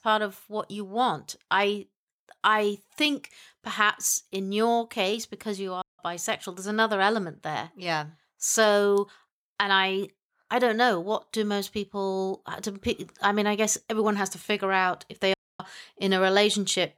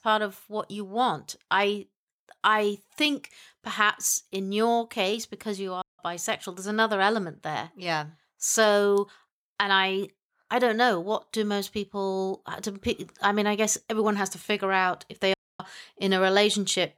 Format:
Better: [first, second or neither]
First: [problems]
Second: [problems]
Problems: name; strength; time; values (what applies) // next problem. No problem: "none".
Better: neither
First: audio cutting out; at 6 s and at 15 s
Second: audio cutting out; at 6 s and at 15 s